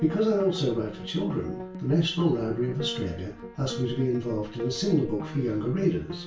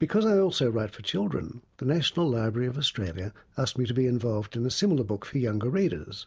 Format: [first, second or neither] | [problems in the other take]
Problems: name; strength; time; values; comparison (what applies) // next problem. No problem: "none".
second | background sound (Piano); 11 dB below the speech // room echo; dies away in 0.3 s